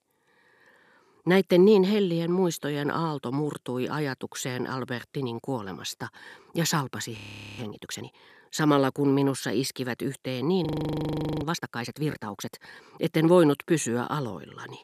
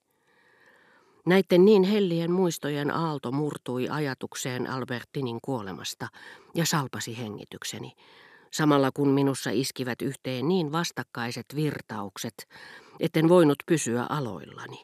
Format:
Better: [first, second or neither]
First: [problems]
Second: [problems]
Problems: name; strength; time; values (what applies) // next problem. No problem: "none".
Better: second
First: audio freezing; at 7 s and at 11 s for 1 s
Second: none